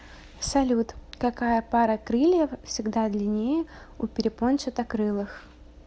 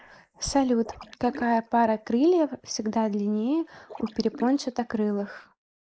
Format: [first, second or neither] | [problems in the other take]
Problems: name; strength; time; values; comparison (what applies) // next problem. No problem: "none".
first | noise reduction (neural mask model Resemble Enhance denoiser)